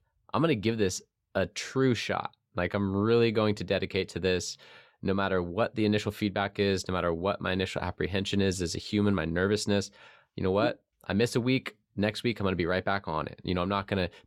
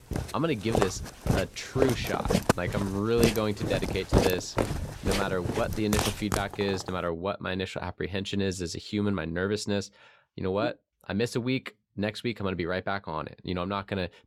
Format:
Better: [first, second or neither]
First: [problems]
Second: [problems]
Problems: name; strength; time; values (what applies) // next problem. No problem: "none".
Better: first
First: none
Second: footsteps; loud; until 7 s; peak 5 dB above the speech